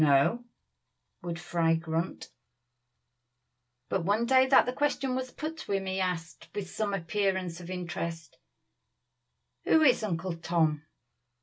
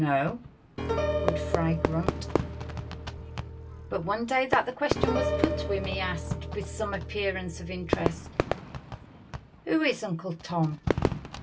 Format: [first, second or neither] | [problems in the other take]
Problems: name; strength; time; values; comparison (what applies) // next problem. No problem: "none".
first | background sound (Fireworks + Piano); as loud as the speech